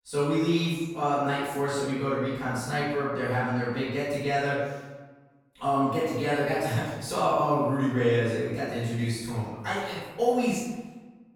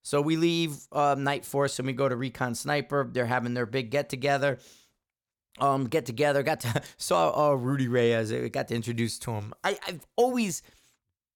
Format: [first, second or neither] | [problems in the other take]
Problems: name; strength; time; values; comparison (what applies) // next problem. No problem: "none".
second | room echo; strong; dies away in 1 s // off-mic speech; far